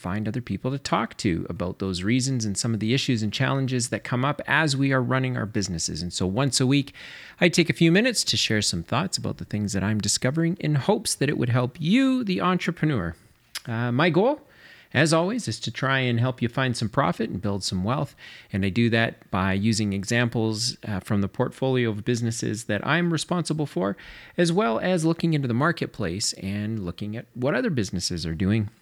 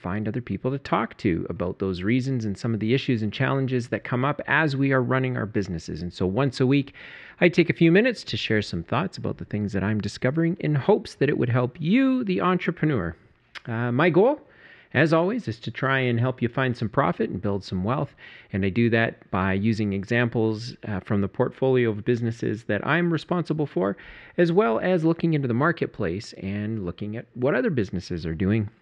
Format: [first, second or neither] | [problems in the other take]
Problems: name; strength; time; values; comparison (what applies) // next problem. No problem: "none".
first | muffled; slightly; fading above 2.5 kHz